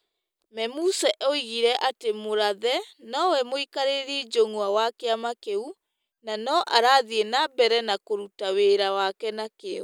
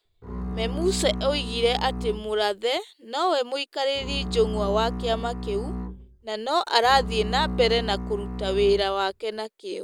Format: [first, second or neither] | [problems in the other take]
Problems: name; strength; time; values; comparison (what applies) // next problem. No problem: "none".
first | background sound (Bowed string instrument); 6 dB below the speech